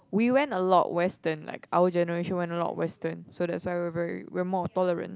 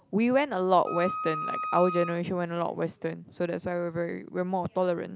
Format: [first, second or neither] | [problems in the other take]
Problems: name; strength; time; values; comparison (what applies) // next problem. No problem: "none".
first | background sound (Wind instrument, woodwind instrument); 6 dB below the speech